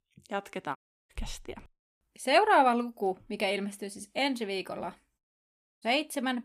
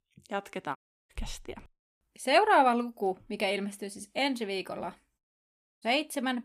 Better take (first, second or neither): neither